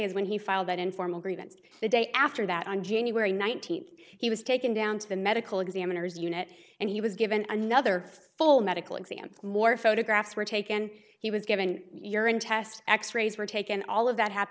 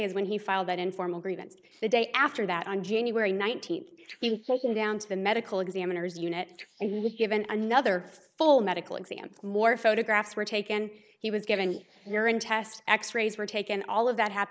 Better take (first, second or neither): first